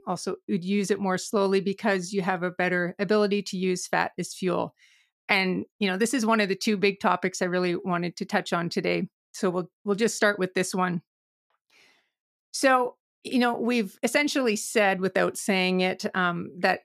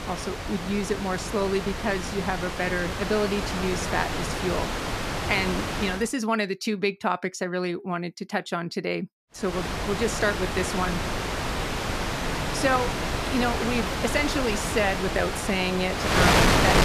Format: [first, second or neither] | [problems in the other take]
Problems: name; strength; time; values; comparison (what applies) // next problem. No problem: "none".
first | wind noise on the microphone; heavy; until 6 s and from 9.5 s on; as loud as the speech